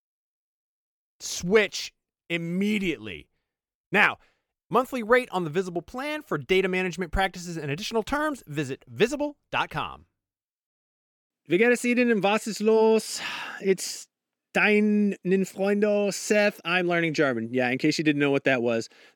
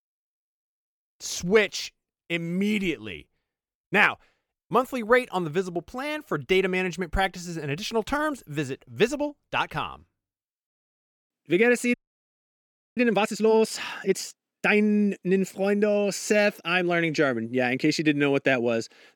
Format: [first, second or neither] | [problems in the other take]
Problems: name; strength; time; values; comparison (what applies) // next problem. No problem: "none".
first | audio freezing; at 12 s for 1 s